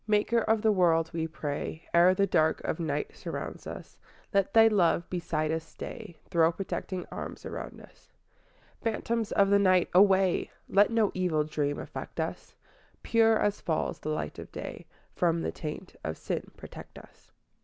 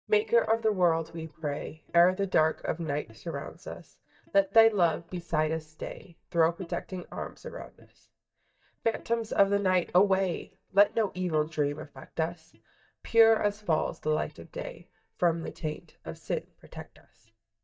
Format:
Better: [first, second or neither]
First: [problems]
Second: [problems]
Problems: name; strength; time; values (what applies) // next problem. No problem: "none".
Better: first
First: none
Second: noise reduction (neural mask model DeepFilterNet 3)